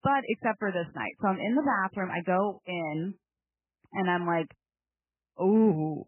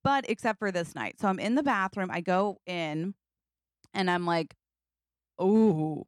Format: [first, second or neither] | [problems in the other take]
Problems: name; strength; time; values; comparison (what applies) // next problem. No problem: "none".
second | garbled, watery; badly; nothing above 3 kHz